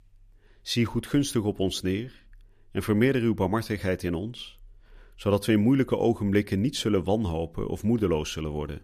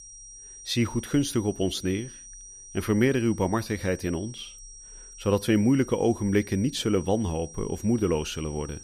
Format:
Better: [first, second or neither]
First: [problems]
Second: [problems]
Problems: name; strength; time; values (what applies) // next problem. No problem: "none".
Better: first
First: none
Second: high-pitched whine; noticeable; throughout; 5.5 kHz, 15 dB below the speech